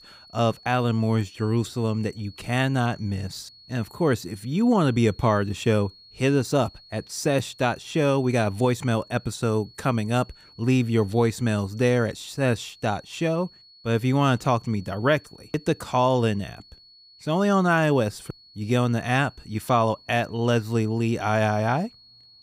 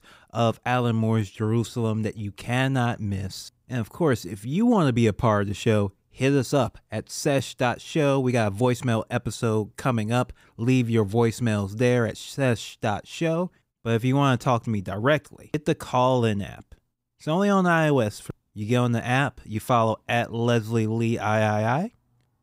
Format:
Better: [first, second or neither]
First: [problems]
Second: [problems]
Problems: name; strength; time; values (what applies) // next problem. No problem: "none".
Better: second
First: high-pitched whine; faint; throughout; 4.5 kHz, 25 dB below the speech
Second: none